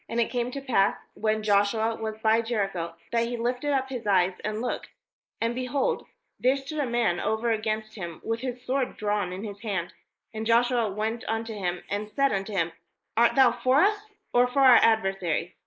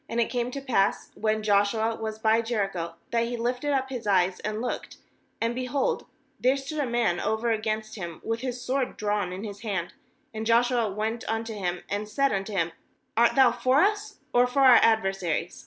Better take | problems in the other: second | noise reduction (neural mask model Resemble Enhance denoiser)

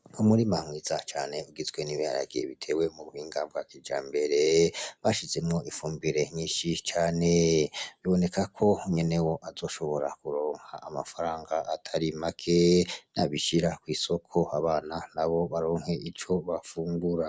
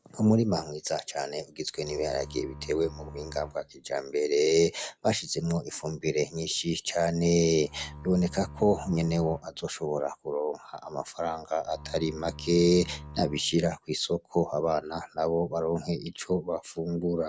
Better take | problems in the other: first | background sound (Bowed string instrument); 16 dB below the speech

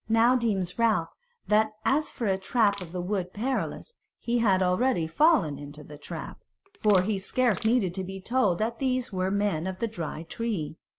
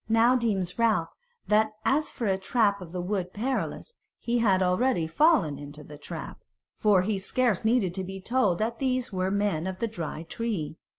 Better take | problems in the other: second | background sound (Crushing); 18 dB below the speech

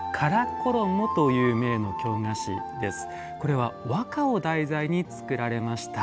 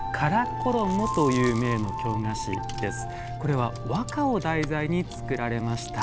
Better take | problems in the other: first | background sound (Chewing, mastication); 10 dB below the speech

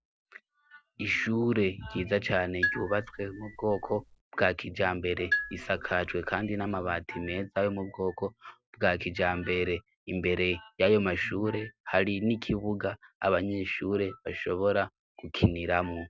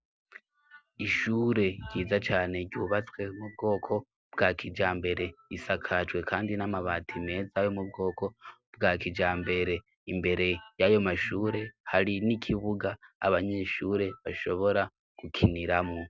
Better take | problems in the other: second | background sound (Marimba, xylophone); 6 dB below the speech

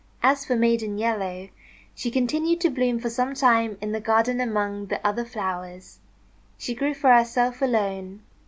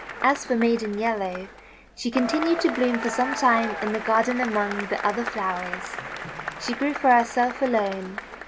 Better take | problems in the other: first | background sound (Applause / Crowd / Cheering); 9 dB below the speech

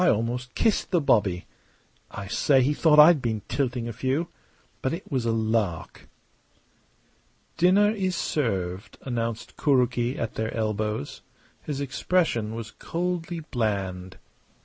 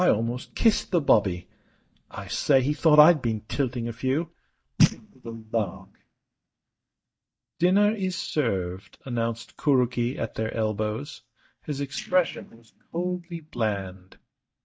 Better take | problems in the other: first | noise reduction (neural mask model DeepFilterNet 3)

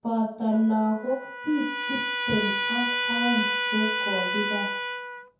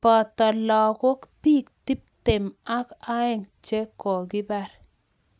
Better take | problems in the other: second | background sound (Trumpet); 1 dB below the speech // room echo; dies away in 0.6 s

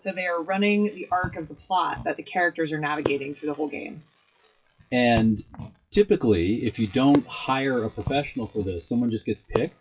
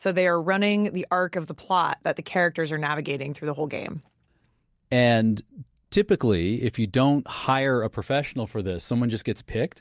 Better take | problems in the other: second | noise reduction (classical method WPE with log-MMSE)

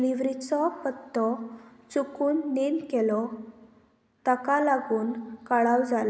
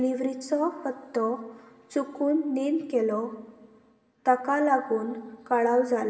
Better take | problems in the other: first | room echo; dies away in 0.6 s

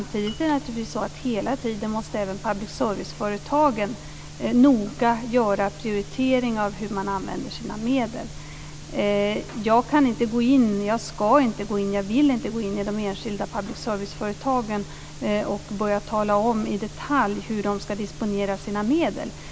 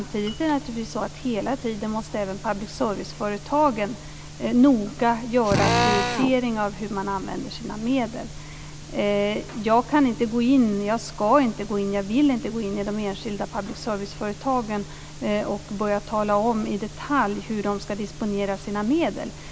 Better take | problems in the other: first | background sound (Drill); as loud as the speech

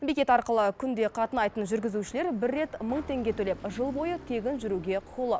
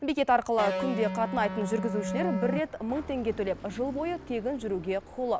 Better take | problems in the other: first | background sound (Electric guitar); 3 dB below the speech

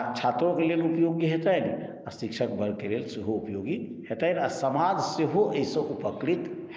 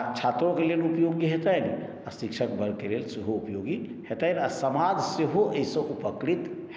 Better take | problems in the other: second | noise reduction (neural mask model Resemble Enhance denoiser)

